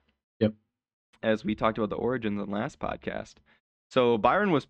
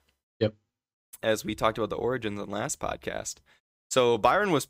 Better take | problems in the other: second | muffled; very; fading above 3.5 kHz

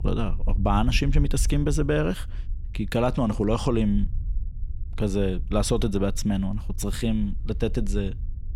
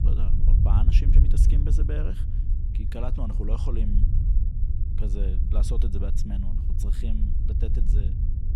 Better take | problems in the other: first | low rumble; loud; throughout; 2 dB below the speech; faint in the first

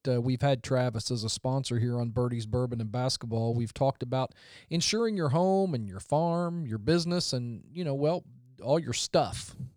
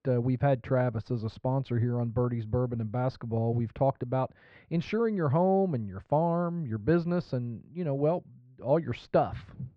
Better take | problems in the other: first | muffled; very; fading above 2 kHz

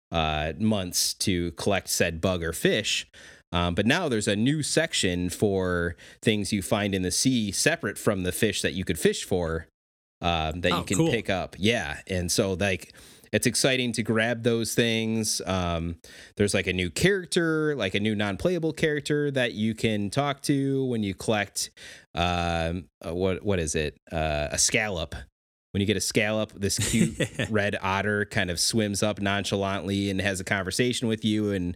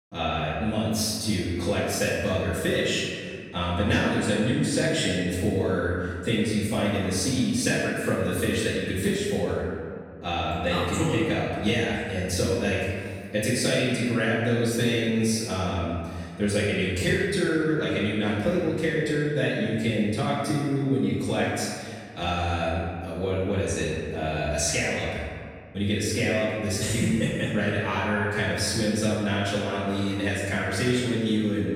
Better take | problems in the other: first | off-mic speech; far // room echo; strong; dies away in 1.8 s

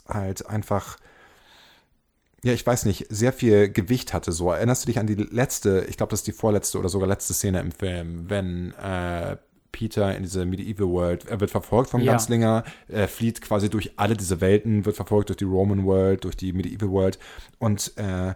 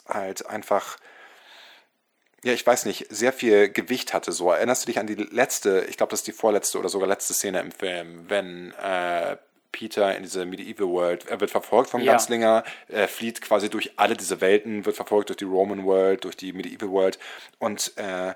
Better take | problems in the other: first | thin; somewhat; fading below 300 Hz

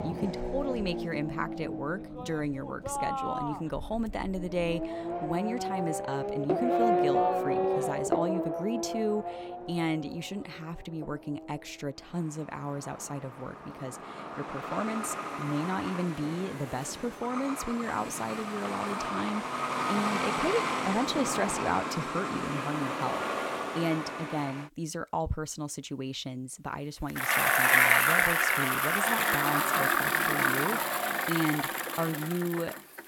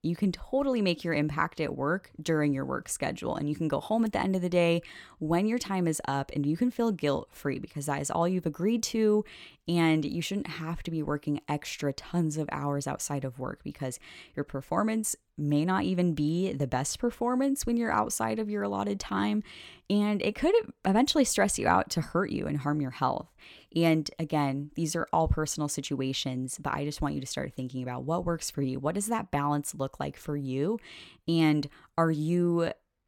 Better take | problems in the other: second | traffic noise; very loud; throughout; 5 dB above the speech

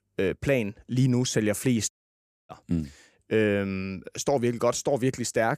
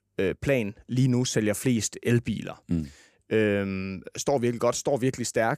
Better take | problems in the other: second | audio cutting out; at 2 s for 0.5 s

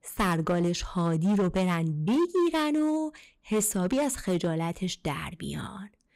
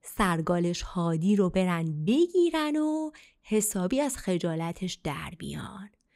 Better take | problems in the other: second | distortion; slight; 9% of the sound clipped

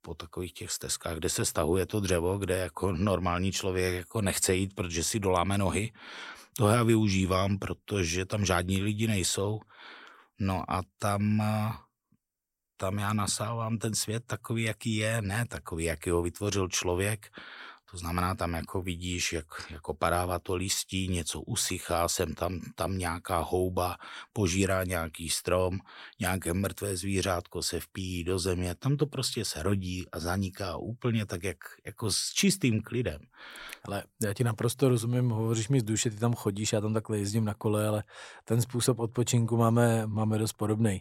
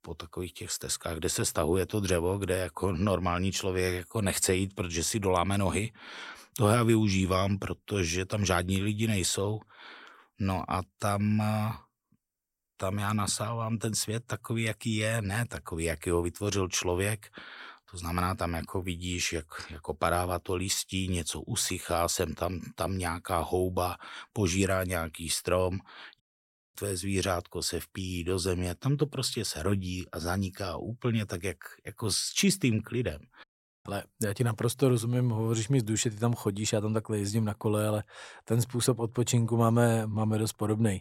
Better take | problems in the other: first | audio cutting out; at 26 s for 0.5 s and at 33 s

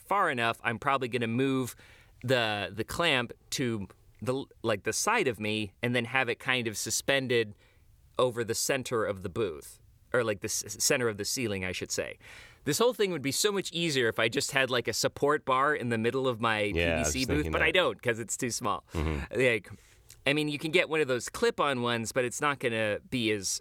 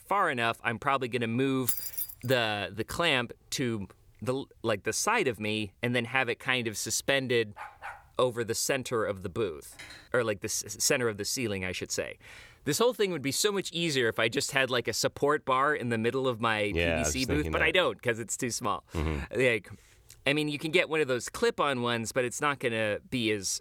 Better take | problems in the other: first | jangling keys; loud; at 1.5 s; peak level with the speech // dog barking; faint; at 7.5 s; peak 15 dB below the speech // clattering dishes; faint; at 9.5 s; peak 20 dB below the speech

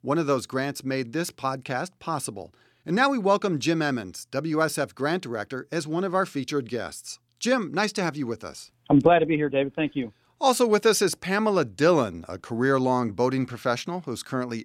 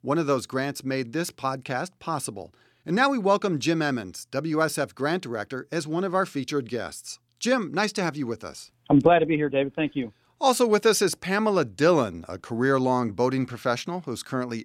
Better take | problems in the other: neither | none

